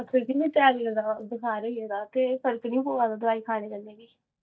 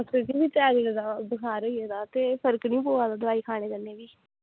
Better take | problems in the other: second | noise reduction (neural mask model DeepFilterNet 3)

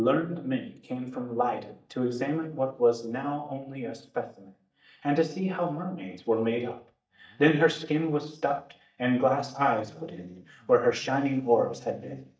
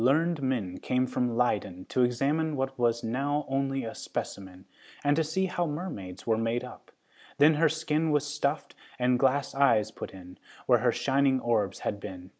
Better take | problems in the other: second | noise reduction (neural mask model DeepFilterNet 3)

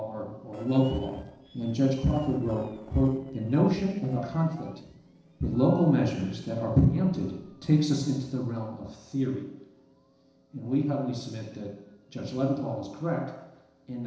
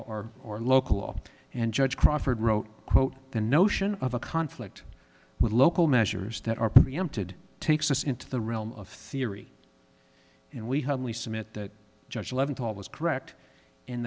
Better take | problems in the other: second | noise reduction (neural separator model SepFormer DNS4)

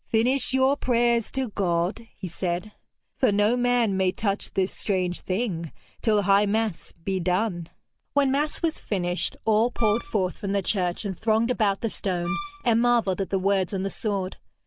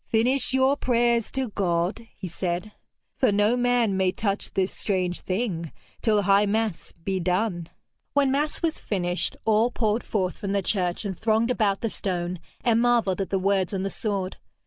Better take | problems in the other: second | background sound (Wind instrument, woodwind instrument); 11 dB below the speech

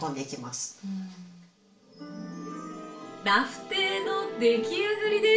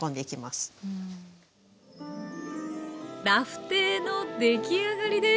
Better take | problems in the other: second | room echo; dies away in 0.4 s

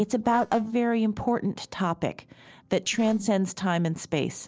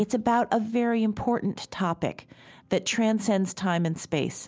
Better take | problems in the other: second | noise reduction (neural separator model SepFormer DNS4)

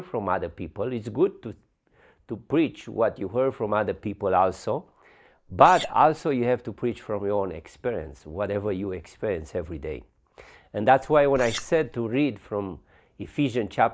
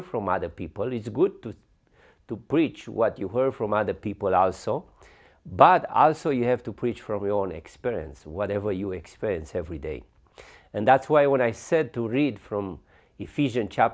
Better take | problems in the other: second | noise reduction (neural mask model Resemble Enhance denoiser)

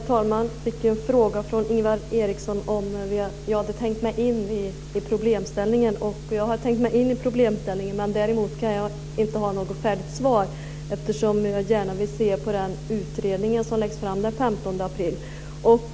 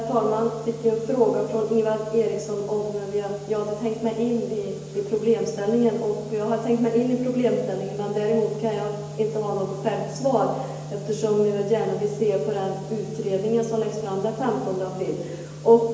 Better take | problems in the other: first | room echo; dies away in 1 s

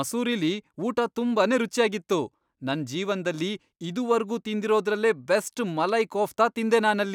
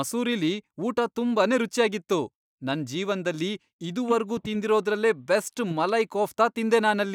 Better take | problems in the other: first | noise reduction (neural mask model DeepFilterNet 3)

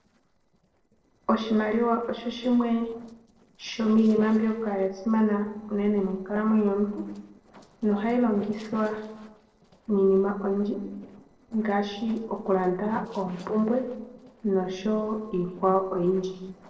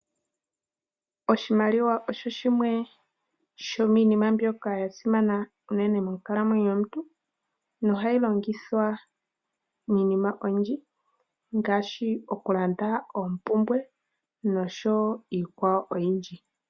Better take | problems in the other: second | noise reduction (neural separator model SepFormer DNS4)

